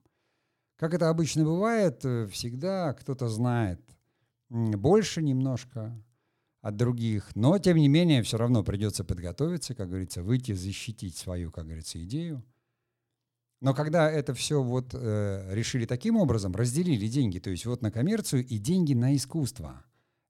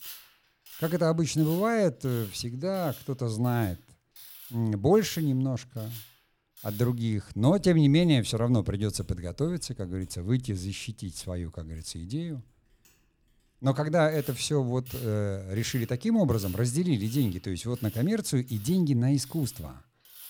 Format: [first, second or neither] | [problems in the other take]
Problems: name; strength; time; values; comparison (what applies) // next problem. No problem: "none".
first | machinery noise; noticeable; throughout; 20 dB below the speech